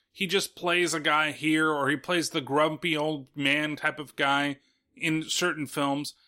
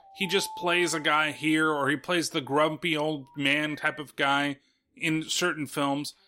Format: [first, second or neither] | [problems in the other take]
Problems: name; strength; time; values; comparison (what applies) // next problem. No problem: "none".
first | alarms or sirens; noticeable; throughout; 20 dB below the speech